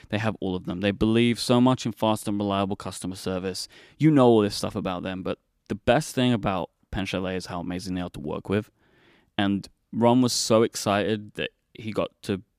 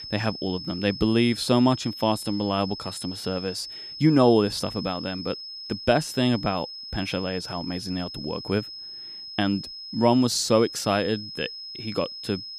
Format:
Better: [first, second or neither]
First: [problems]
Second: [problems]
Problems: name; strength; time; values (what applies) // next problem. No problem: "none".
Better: first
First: none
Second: high-pitched whine; noticeable; throughout; 5 kHz, 10 dB below the speech